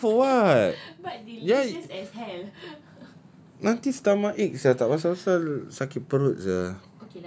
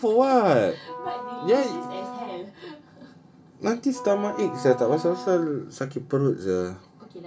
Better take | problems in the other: first | background sound (Wind instrument, woodwind instrument); 13 dB below the speech // room echo; dies away in 0.2 s

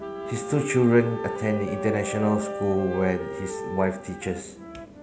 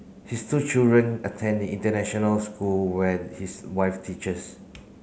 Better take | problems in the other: second | background sound (Wind instrument, woodwind instrument + Wind instrument, woodwind instrument); 8 dB below the speech

